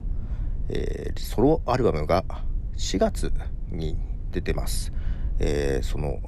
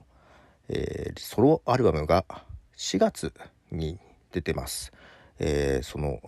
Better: second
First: low rumble; faint; throughout; 25 dB below the speech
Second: none

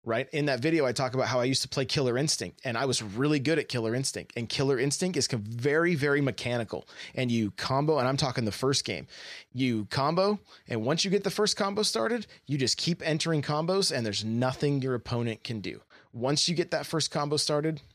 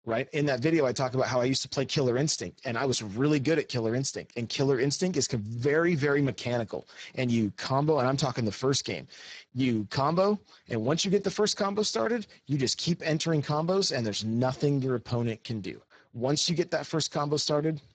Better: first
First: none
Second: garbled, watery; badly; nothing above 7.5 kHz

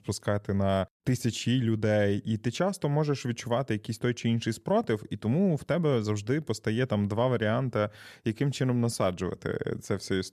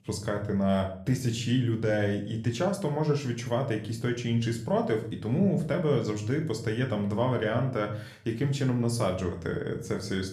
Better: first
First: none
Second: room echo; slight; dies away in 0.4 s

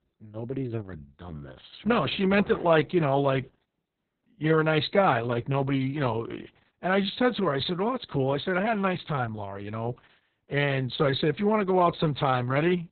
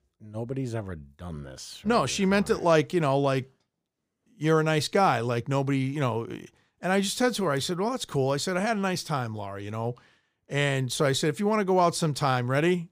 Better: second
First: garbled, watery; badly; nothing above 4 kHz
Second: none

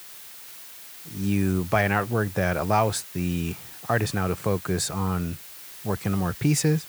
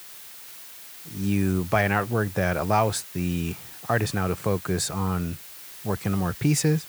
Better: neither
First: hiss; noticeable; throughout; 15 dB below the speech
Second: hiss; noticeable; throughout; 15 dB below the speech

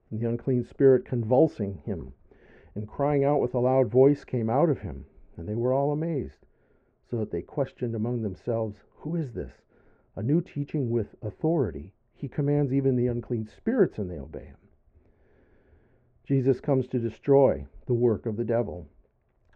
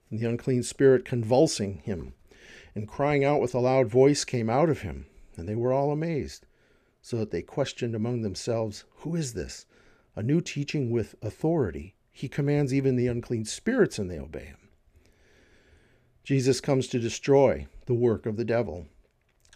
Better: second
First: muffled; very; fading above 3 kHz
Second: none

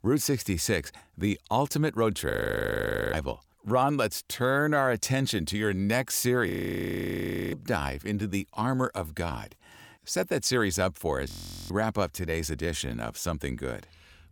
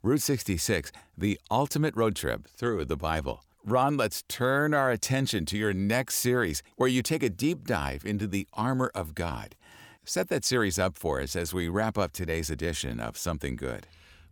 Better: second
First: audio freezing; at 2.5 s for 1 s, at 6.5 s for 1 s and at 11 s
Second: none

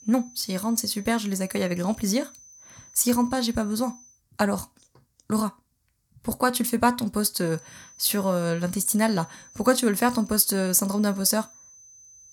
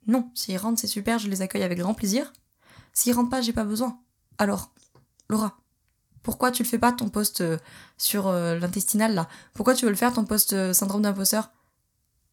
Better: second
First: high-pitched whine; faint; until 4 s and from 7.5 s on; 6 kHz, 25 dB below the speech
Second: none

